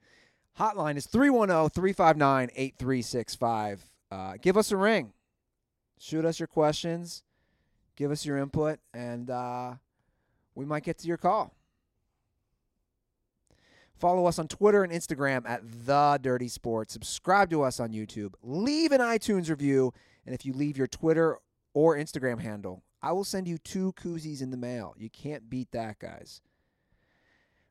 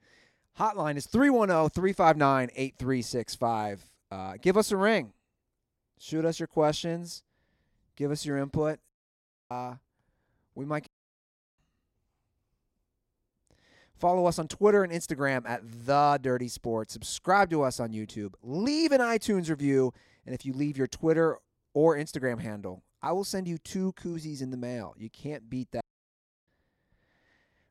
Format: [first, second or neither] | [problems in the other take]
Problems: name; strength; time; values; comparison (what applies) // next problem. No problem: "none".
first | audio cutting out; at 9 s for 0.5 s, at 11 s for 0.5 s and at 26 s for 0.5 s